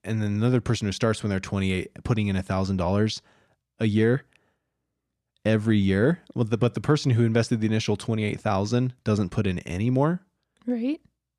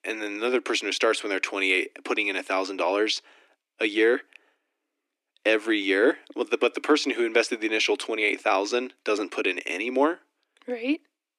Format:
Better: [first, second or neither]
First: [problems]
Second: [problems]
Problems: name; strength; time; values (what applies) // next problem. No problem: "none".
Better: first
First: none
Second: thin; very; fading below 300 Hz